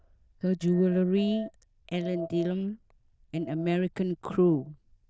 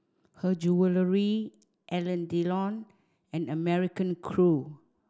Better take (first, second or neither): second